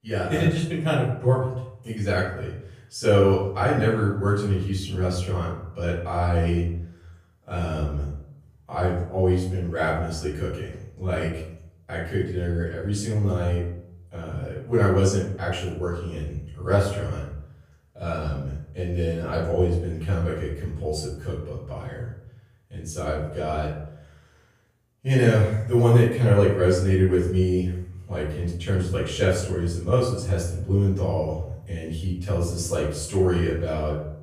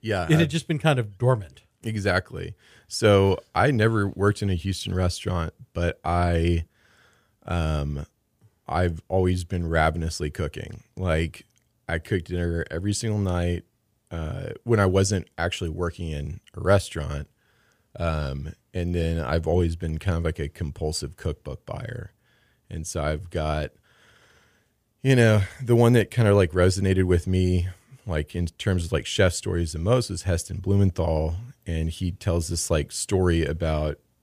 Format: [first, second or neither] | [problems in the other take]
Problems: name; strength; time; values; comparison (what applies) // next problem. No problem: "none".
second | off-mic speech; far // room echo; noticeable; dies away in 0.6 s